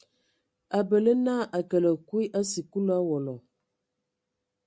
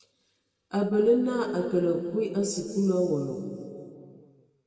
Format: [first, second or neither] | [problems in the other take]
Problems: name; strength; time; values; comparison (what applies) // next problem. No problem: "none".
first | room echo; dies away in 2.4 s